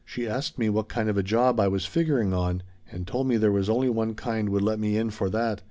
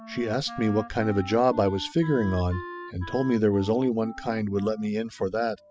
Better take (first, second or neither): first